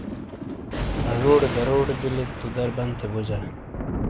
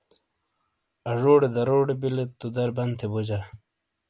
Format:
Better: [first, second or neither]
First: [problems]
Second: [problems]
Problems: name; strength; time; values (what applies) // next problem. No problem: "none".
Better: second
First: background sound (Thunder); 4 dB below the speech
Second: none